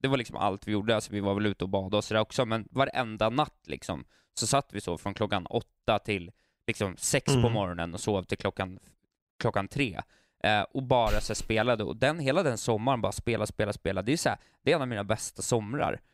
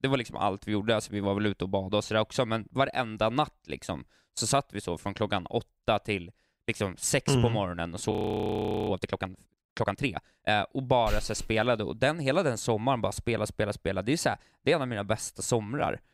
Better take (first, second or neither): first